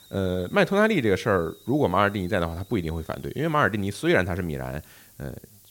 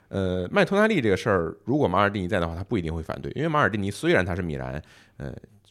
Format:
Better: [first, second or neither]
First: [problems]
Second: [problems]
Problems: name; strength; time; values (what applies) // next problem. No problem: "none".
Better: second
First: hiss; faint; throughout; 25 dB below the speech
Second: none